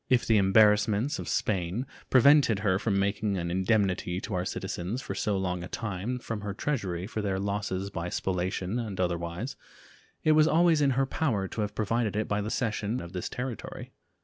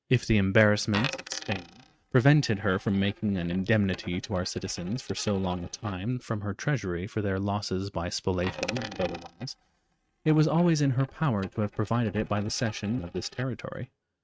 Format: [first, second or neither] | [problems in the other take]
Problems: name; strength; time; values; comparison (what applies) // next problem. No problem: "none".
first | noise reduction (neural mask model RNNoise)